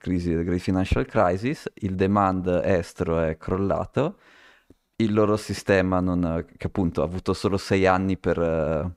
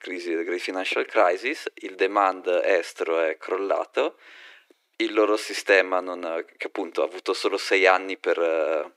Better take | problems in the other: first | thin; very; fading below 300 Hz

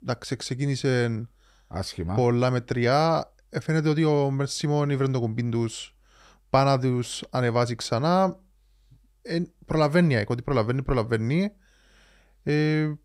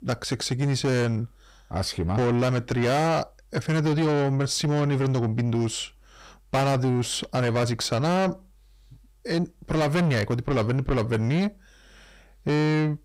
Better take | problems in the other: first | distortion; heavy; 8 dB below the speech

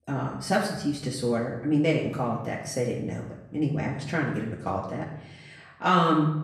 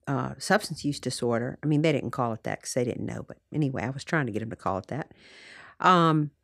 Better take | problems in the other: second | off-mic speech; far // room echo; noticeable; dies away in 0.7 s

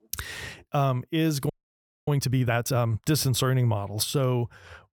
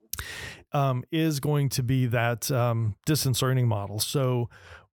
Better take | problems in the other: second | audio freezing; at 1.5 s for 0.5 s

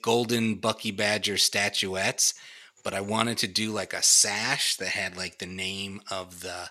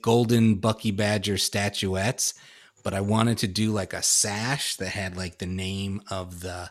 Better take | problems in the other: second | thin; very slightly; fading below 450 Hz

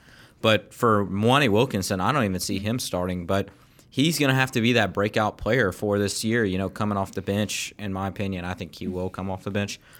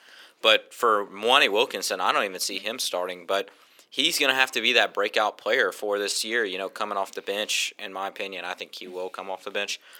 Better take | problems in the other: first | thin; very; fading below 400 Hz

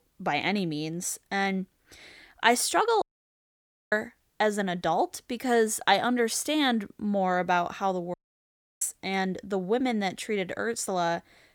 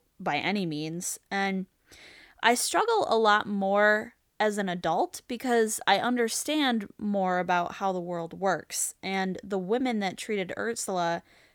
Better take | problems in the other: second | audio cutting out; at 3 s for 1 s and at 8 s for 0.5 s

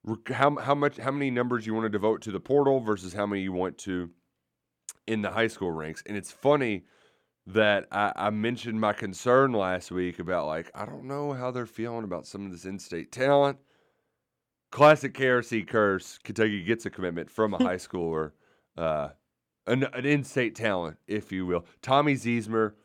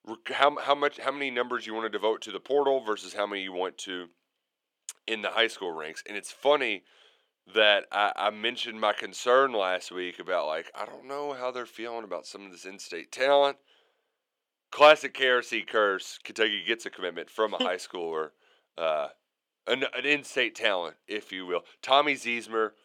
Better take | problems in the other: first | thin; somewhat; fading below 500 Hz

